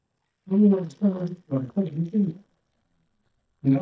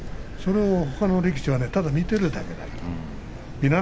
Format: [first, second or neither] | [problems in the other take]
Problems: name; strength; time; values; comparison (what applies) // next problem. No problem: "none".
second | noise reduction (neural mask model DeepFilterNet 3)